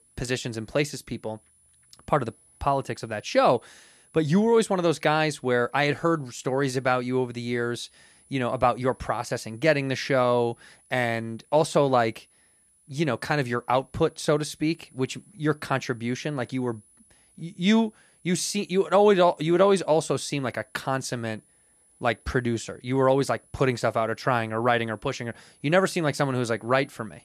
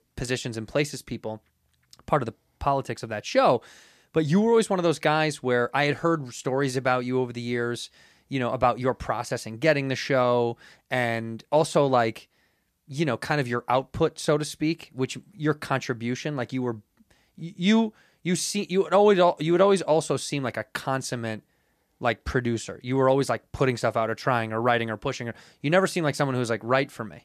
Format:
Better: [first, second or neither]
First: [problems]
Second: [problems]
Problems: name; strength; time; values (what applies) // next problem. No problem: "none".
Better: second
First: high-pitched whine; faint; throughout; 10 kHz, 30 dB below the speech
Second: none